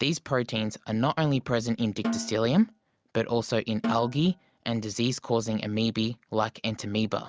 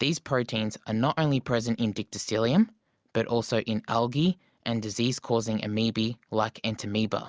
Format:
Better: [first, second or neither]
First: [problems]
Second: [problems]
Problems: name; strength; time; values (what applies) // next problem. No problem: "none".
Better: second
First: background sound (Snare drum); 9 dB below the speech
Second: none